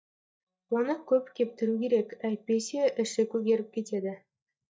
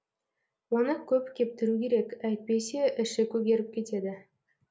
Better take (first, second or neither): second